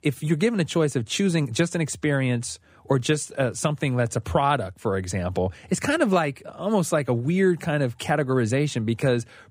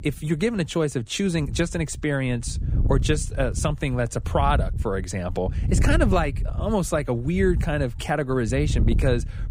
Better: first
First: none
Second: wind noise on the microphone; occasional gusts; 15 dB below the speech

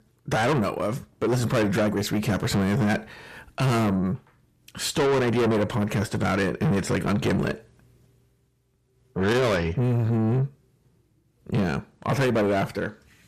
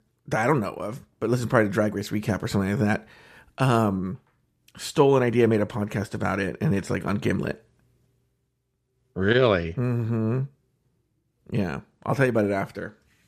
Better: second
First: distortion; heavy; 6 dB below the speech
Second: none

